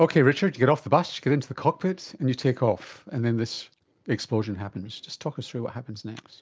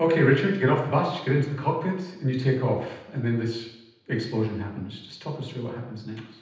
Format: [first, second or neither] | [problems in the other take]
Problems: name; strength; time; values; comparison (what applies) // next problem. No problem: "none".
first | room echo; dies away in 0.9 s